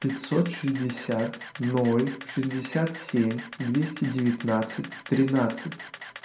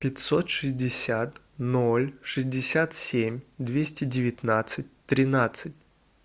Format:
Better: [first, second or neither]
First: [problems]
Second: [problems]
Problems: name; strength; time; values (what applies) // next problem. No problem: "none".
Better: second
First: background sound (Camera); 15 dB below the speech // room echo; dies away in 0.4 s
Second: none